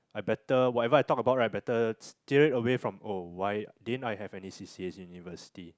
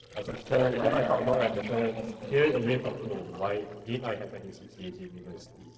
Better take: first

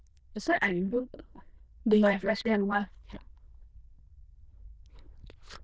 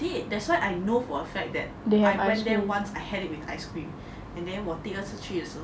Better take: second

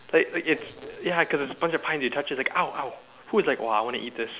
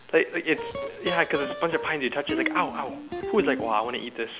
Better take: first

